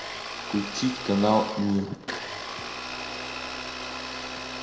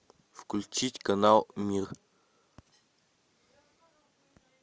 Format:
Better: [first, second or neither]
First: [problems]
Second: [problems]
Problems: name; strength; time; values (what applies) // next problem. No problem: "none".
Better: second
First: background sound (Domestic sounds, home sounds); 6 dB below the speech // room echo; dies away in 0.8 s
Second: none